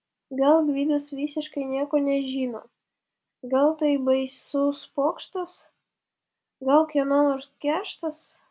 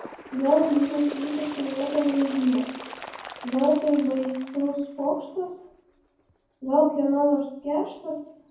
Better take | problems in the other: first | background sound (Bird); 16 dB below the speech // room echo; dies away in 0.9 s

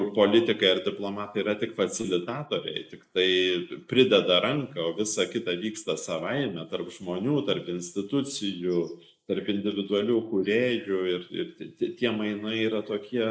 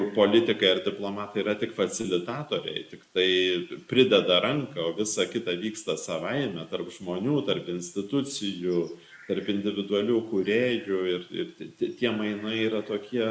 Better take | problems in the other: second | noise reduction (neural mask model Resemble Enhance denoiser)

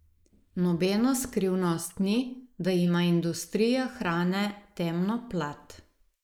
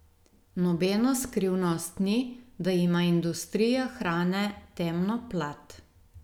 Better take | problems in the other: second | noise reduction (neural mask model Resemble Enhance denoiser)

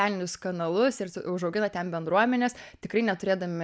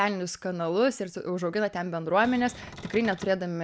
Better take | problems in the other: first | background sound (Cupboard open or close); 17 dB below the speech

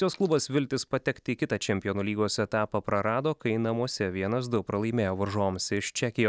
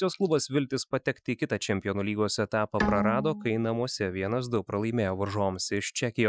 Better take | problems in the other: first | noise reduction (classical method Wiener filter)

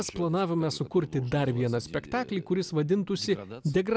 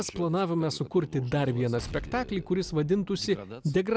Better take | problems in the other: first | background sound (Explosion); 16 dB below the speech

